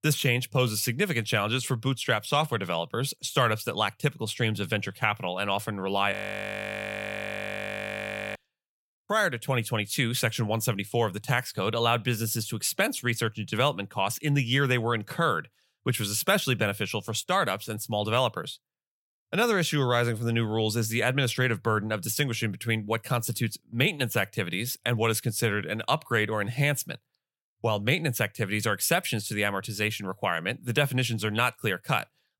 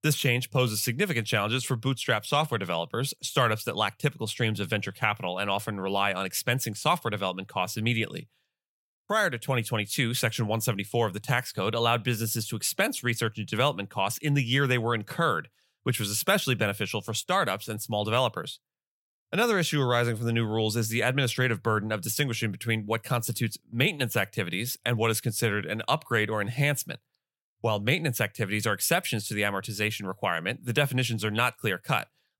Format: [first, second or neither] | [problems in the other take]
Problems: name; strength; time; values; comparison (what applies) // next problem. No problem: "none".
second | audio freezing; at 6 s for 2 s